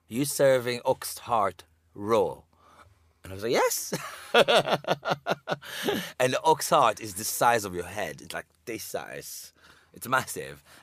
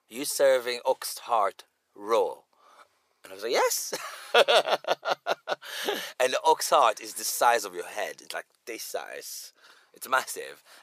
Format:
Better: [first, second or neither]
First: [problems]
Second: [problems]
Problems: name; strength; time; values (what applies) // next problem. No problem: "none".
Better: first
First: none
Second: thin; somewhat; fading below 500 Hz